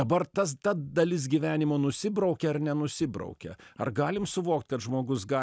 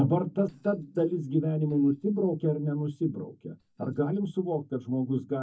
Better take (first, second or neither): first